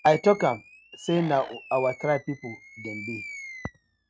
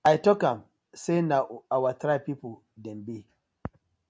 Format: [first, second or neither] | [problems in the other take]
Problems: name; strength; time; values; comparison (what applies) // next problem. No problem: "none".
second | noise reduction (neural mask model RNNoise)